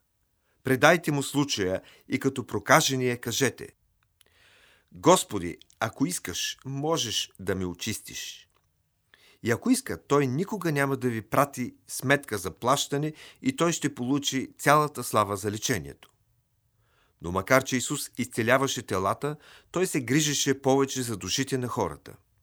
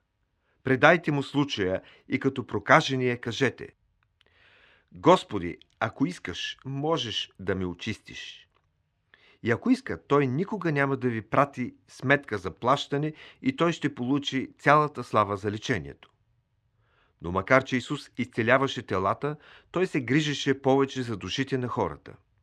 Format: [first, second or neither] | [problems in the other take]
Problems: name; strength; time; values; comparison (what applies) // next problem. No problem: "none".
first | muffled; slightly; fading above 2.5 kHz